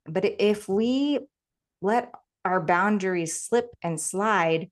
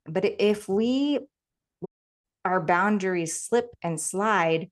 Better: first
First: none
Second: audio cutting out; at 2 s

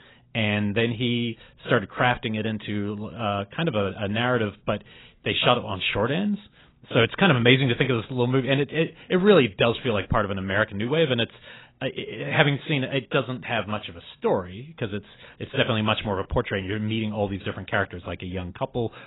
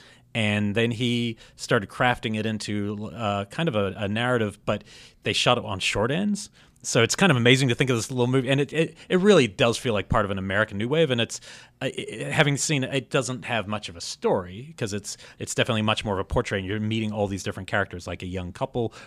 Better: second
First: garbled, watery; badly; nothing above 4 kHz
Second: none

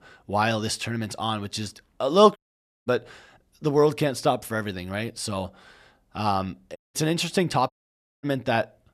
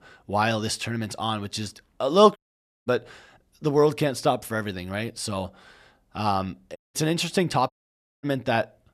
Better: neither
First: audio cutting out; at 2.5 s for 0.5 s, at 7 s and at 7.5 s for 0.5 s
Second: audio cutting out; at 2.5 s for 0.5 s, at 7 s and at 7.5 s for 0.5 s

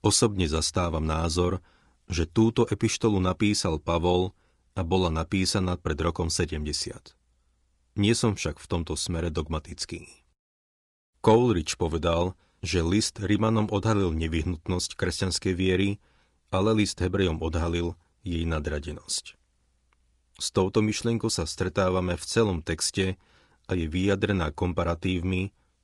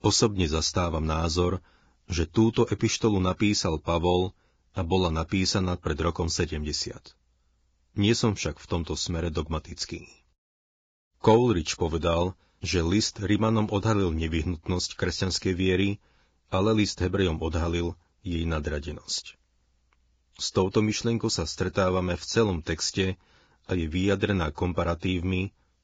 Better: first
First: garbled, watery; slightly; nothing above 10.5 kHz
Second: garbled, watery; badly; nothing above 7.5 kHz

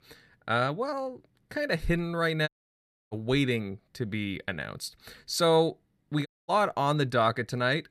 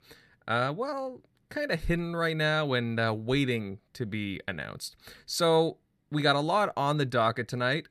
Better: second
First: audio cutting out; at 2.5 s for 0.5 s and at 6.5 s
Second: none

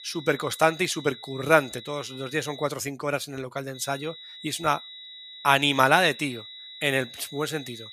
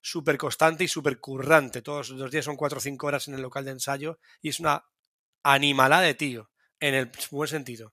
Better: second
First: high-pitched whine; noticeable; until 2.5 s and from 3.5 s on; 4 kHz, 15 dB below the speech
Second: none

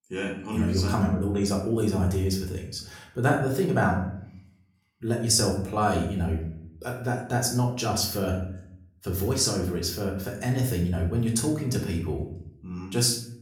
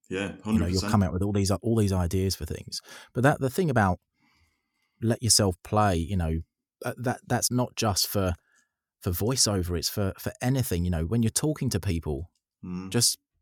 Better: second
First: room echo; slight; dies away in 0.6 s // off-mic speech; far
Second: none

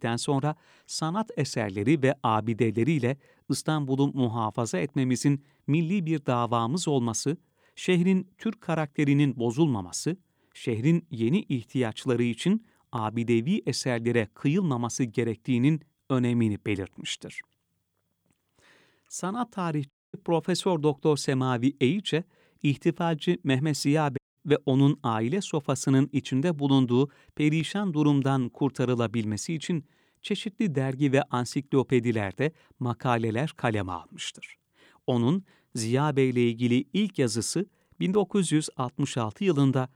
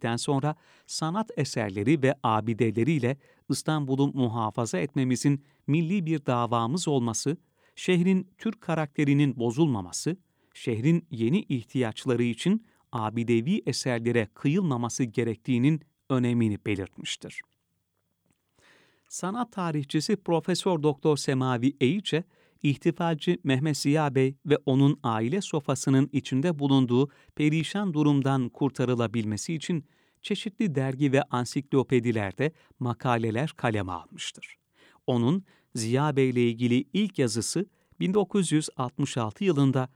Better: second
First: audio cutting out; at 20 s and at 24 s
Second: none

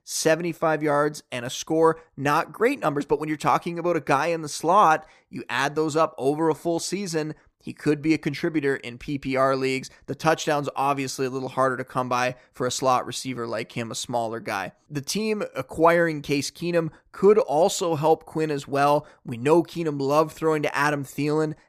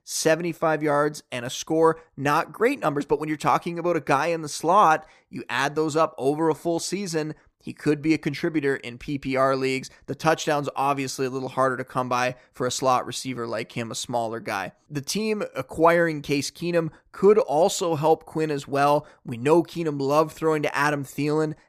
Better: neither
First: none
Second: none

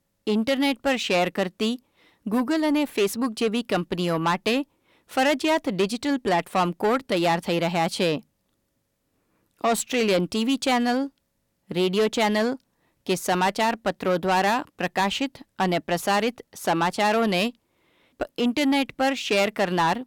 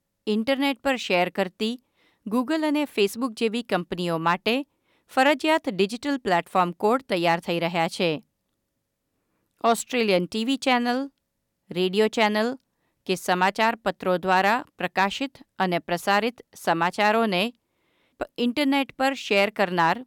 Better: second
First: distortion; slight; 10 dB below the speech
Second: none

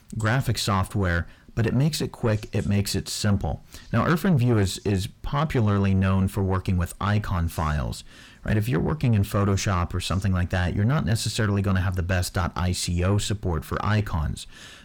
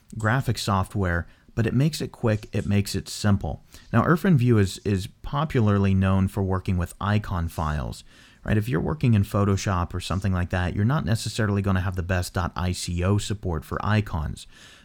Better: second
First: distortion; slight; 10 dB below the speech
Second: none

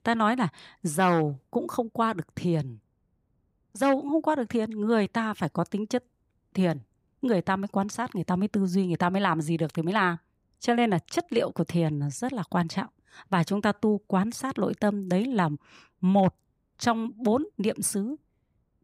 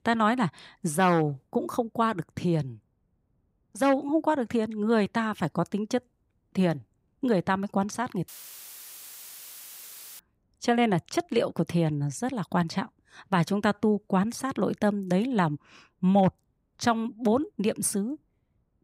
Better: first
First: none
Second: audio cutting out; filled with static; at 8.5 s for 2 s

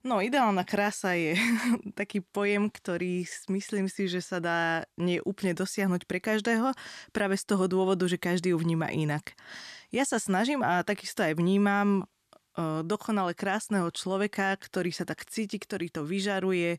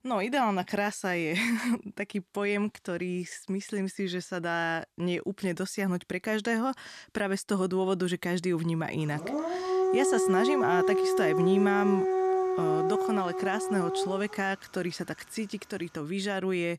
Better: first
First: none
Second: dog barking; loud; from 9 to 14 s; peak 4 dB above the speech

